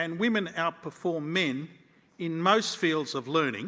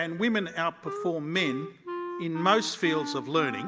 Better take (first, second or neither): first